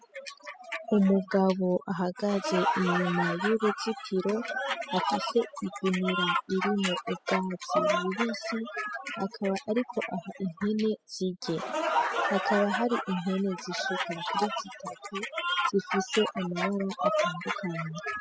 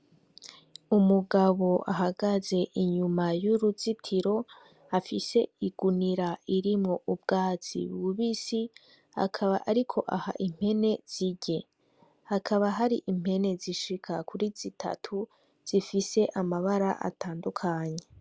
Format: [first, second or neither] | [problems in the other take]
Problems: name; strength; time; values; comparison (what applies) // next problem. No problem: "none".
second | noise reduction (classical method spectral subtraction)